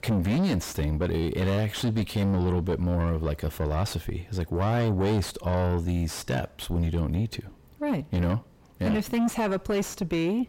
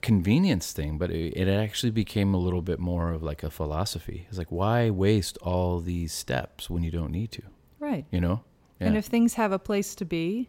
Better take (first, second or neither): second